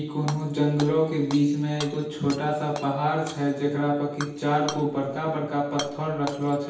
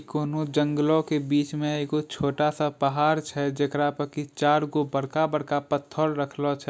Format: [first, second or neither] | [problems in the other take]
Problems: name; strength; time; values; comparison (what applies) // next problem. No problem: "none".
second | background sound (Shatter / Hammer); 16 dB below the speech // room echo; dies away in 0.9 s